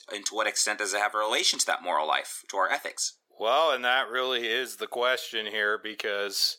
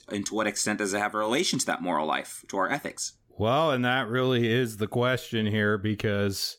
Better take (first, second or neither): second